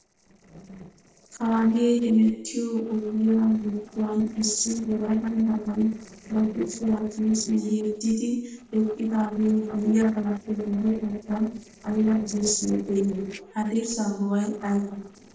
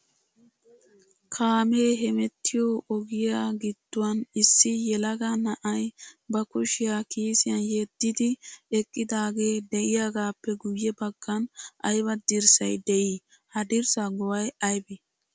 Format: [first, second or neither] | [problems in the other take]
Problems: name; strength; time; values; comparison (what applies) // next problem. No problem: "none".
second | noise reduction (neural separator model SepFormer DNS4)